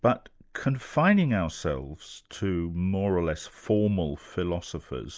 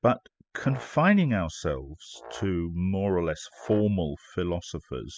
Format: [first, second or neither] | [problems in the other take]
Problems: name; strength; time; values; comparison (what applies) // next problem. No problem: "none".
first | noise reduction (classical method spectral subtraction)